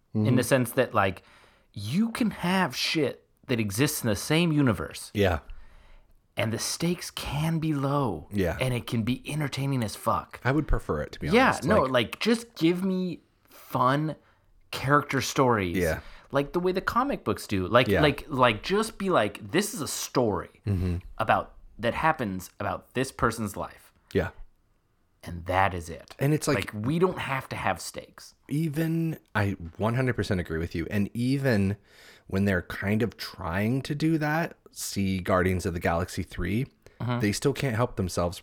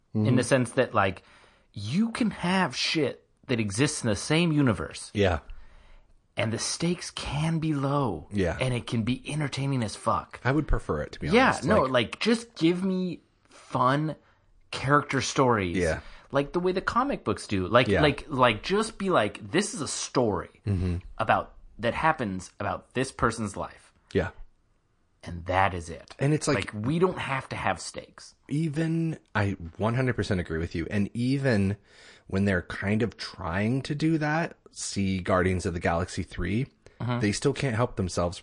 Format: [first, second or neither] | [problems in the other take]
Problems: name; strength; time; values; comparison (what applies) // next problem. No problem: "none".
first | garbled, watery; slightly